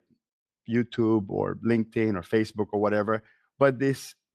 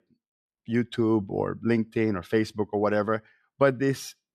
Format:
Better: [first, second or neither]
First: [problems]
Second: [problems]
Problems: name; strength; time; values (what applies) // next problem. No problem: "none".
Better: second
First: garbled, watery; slightly; nothing above 13.5 kHz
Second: none